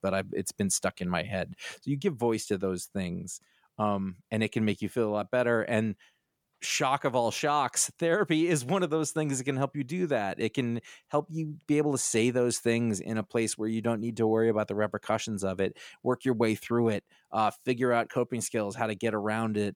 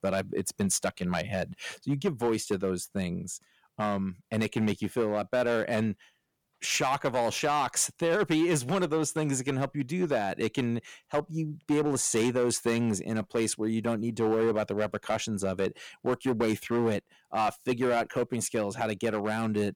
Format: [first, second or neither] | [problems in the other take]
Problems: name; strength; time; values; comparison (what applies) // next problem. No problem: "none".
first | distortion; slight; 6% of the sound clipped